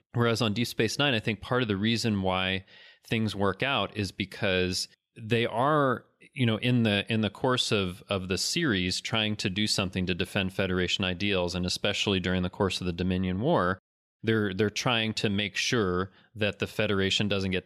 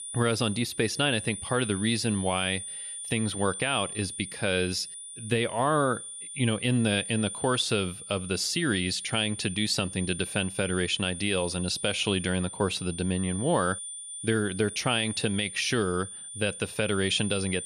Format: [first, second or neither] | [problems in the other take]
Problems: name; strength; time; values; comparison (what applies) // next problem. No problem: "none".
first | high-pitched whine; loud; throughout; 9 kHz, 9 dB below the speech